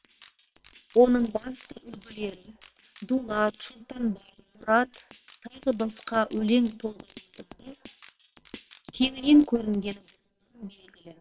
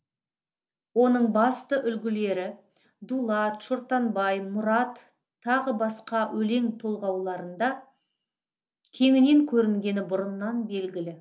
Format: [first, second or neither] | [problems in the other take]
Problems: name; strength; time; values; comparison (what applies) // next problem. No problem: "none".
second | noise reduction (neural separator model SepFormer WHAM!)